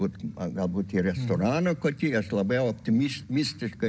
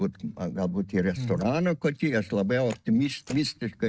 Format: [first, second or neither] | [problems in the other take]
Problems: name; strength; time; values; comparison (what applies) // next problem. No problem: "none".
first | noise reduction (neural mask model RNNoise)